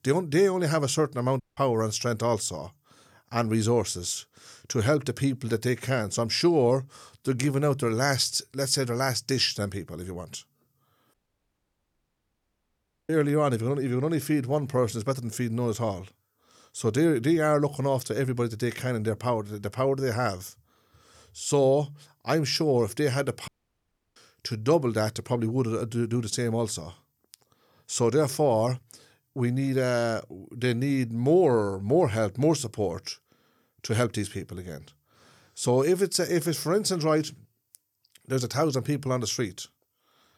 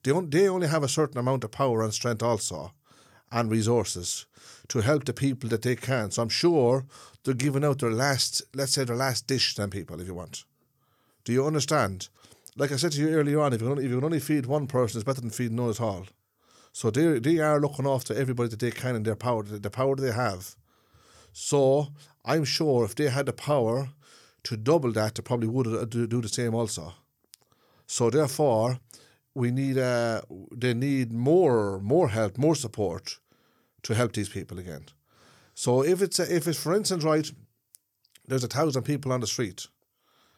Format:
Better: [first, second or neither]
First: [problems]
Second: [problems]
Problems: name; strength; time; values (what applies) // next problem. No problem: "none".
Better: second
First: audio cutting out; at 1.5 s, at 11 s for 2 s and at 23 s for 0.5 s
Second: none